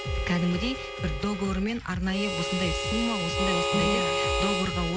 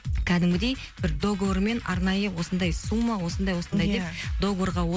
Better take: second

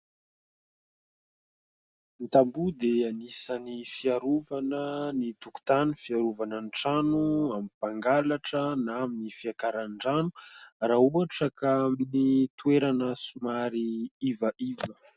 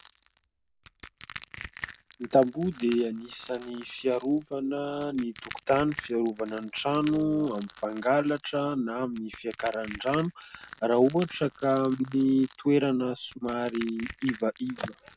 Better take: first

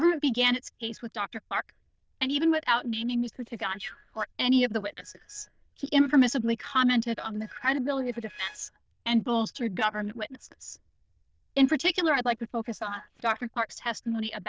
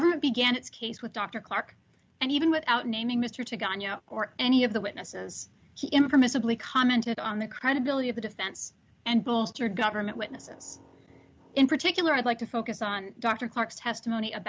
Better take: second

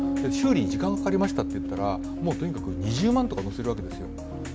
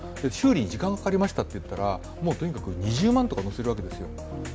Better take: second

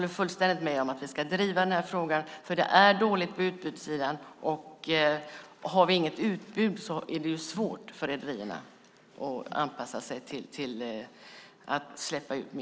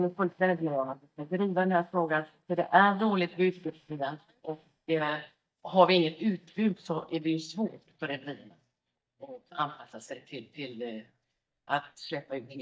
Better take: first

